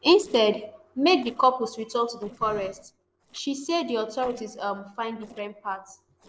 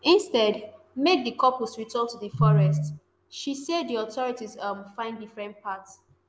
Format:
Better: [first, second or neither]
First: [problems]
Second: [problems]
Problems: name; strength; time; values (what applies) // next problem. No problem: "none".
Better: second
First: noise reduction (neural separator model SepFormer DNS4)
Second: none